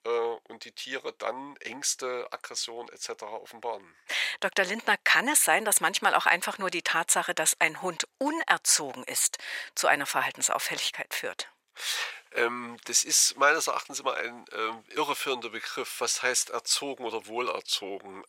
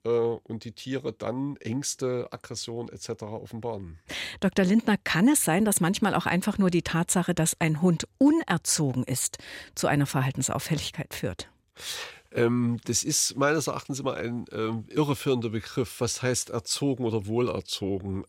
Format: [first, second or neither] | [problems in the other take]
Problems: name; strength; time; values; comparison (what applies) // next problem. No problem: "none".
second | thin; very; fading below 750 Hz